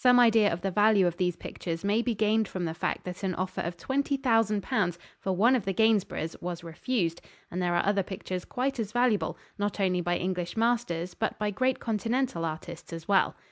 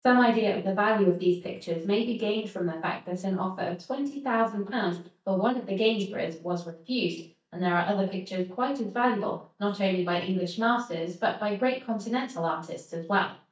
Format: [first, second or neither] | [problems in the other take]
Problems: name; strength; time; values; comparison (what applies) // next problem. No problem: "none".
first | noise reduction (neural mask model DeepFilterNet 3)